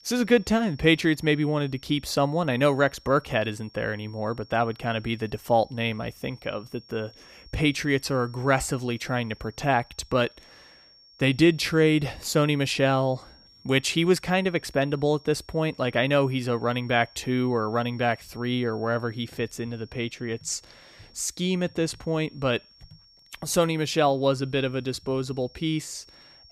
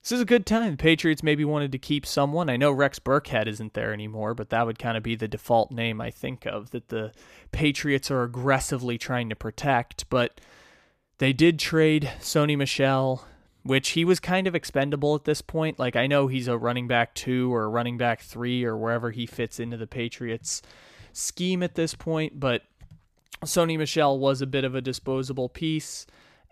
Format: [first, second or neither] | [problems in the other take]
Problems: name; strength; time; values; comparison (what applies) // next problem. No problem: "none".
second | high-pitched whine; faint; throughout; 5.5 kHz, 25 dB below the speech